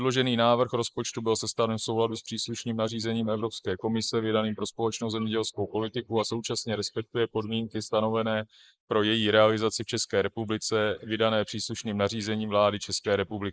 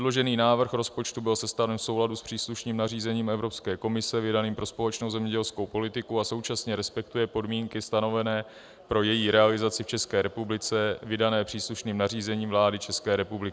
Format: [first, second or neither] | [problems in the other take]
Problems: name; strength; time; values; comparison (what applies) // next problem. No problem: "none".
second | noise reduction (neural mask model Resemble Enhance denoiser)